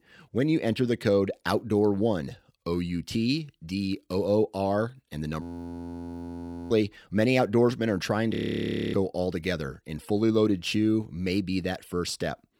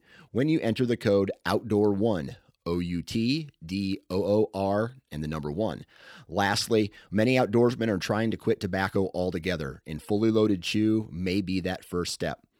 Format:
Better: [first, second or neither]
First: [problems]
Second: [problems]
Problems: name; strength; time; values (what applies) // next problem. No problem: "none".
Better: second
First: audio freezing; at 5.5 s for 1.5 s and at 8.5 s for 0.5 s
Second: none